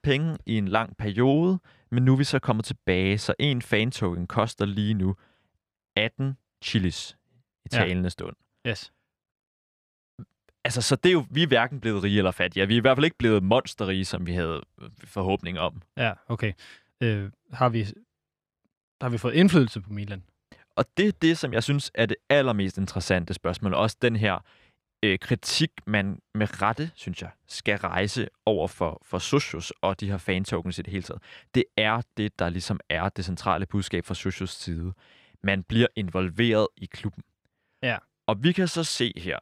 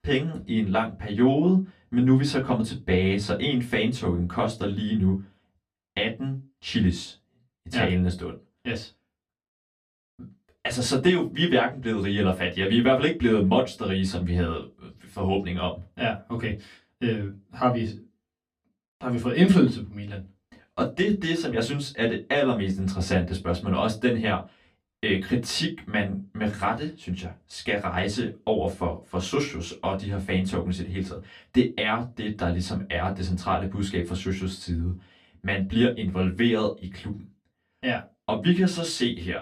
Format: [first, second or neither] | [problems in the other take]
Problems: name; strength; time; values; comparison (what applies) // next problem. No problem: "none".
first | off-mic speech; far // room echo; very slight; dies away in 0.2 s